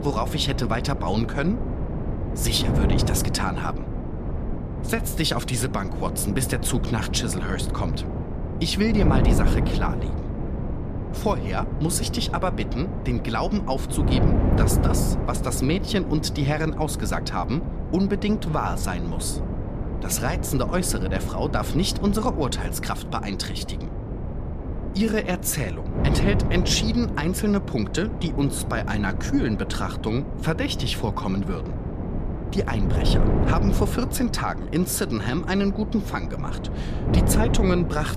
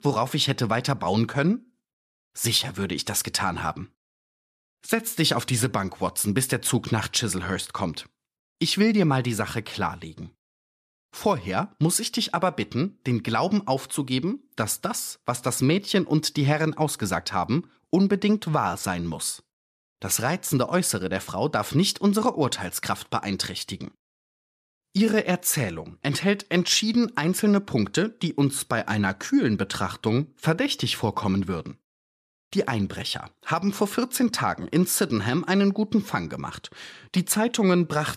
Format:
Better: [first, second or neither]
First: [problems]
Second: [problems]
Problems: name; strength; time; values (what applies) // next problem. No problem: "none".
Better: second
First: wind noise on the microphone; heavy; 6 dB below the speech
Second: none